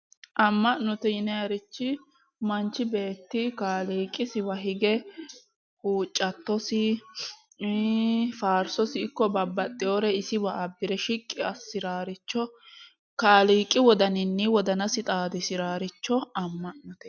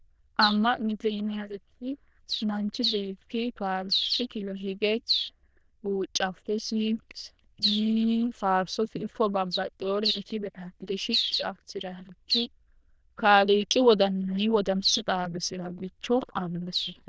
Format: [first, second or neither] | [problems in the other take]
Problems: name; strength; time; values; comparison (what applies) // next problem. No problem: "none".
first | noise reduction (neural diffusion model UNIVERSE++)